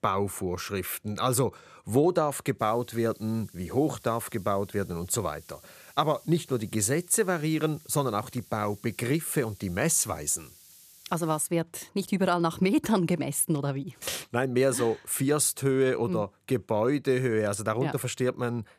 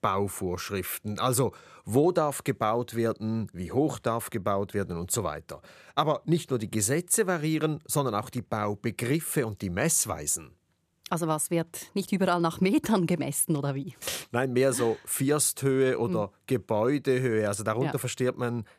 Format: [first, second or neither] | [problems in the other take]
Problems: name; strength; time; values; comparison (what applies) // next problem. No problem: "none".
second | hiss; faint; from 2.5 to 11 s; 25 dB below the speech